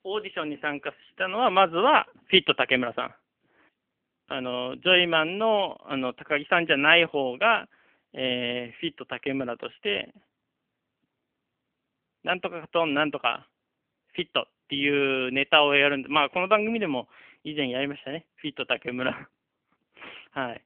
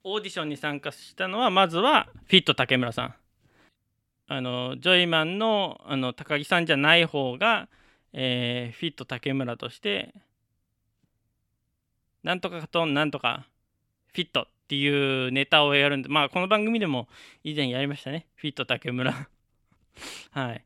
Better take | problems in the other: second | phone-call audio; nothing above 3.5 kHz

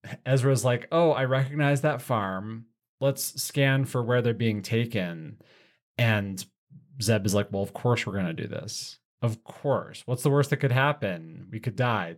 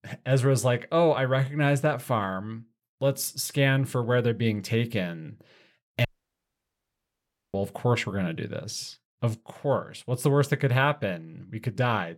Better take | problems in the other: first | audio cutting out; at 6 s for 1.5 s

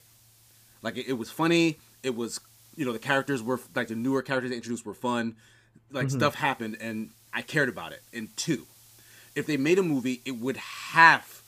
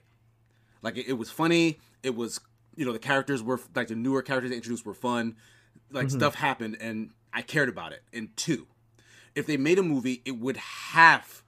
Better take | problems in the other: second | hiss; faint; until 4 s and from 6.5 s on; 25 dB below the speech

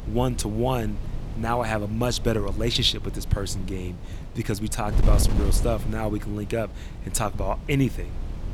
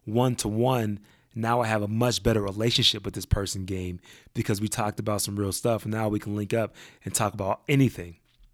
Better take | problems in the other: second | wind noise on the microphone; occasional gusts; 15 dB below the speech

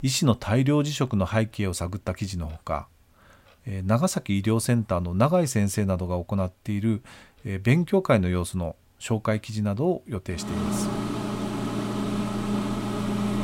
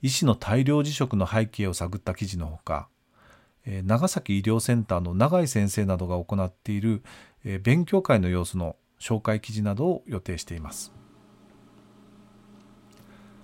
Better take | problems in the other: second | household noises; loud; throughout; 3 dB below the speech; faint in the second

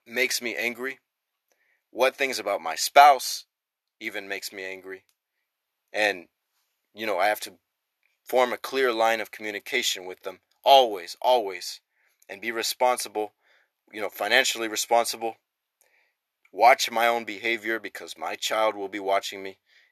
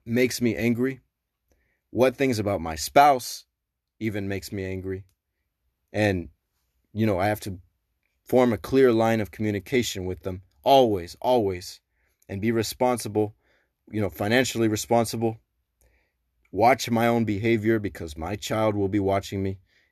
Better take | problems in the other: second | thin; very; fading below 750 Hz

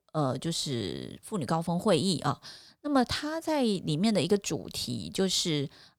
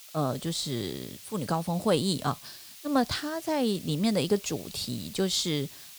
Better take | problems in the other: first | hiss; noticeable; throughout; 15 dB below the speech

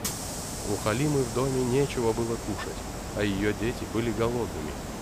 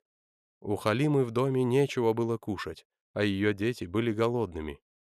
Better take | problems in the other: second | hiss; loud; throughout; 6 dB below the speech

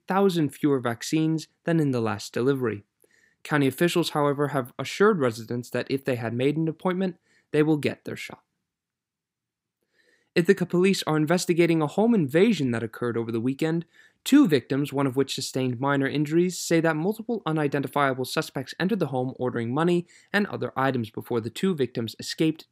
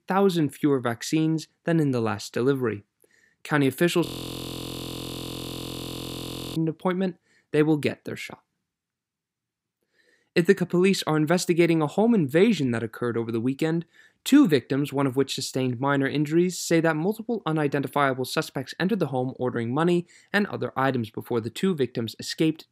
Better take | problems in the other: first | audio freezing; at 4 s for 2.5 s

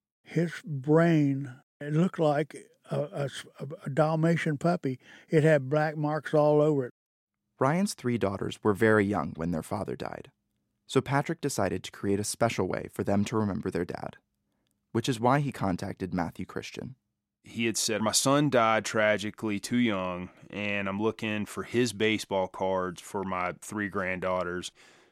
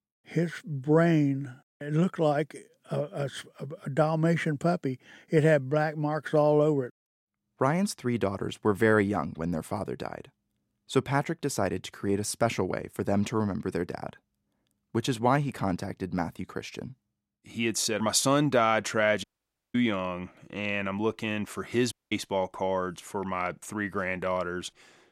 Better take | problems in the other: first | audio cutting out; at 19 s for 0.5 s and at 22 s

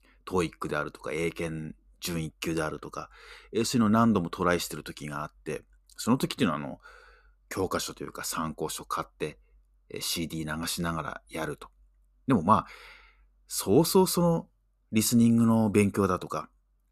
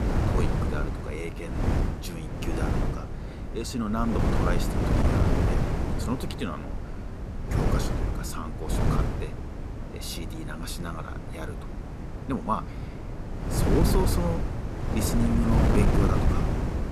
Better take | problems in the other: first | wind noise on the microphone; heavy; as loud as the speech

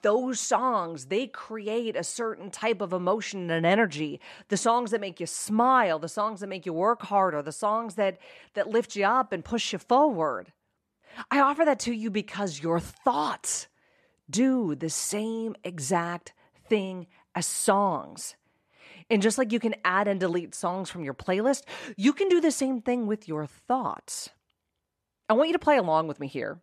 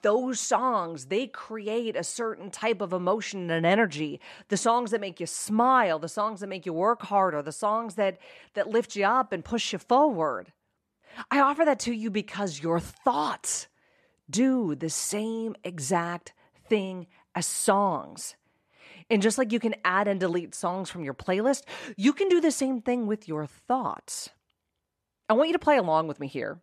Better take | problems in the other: neither | none

